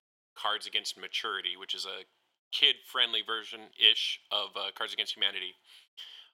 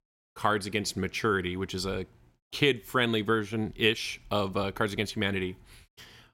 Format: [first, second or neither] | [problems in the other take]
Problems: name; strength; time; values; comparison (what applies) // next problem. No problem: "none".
second | thin; very; fading below 700 Hz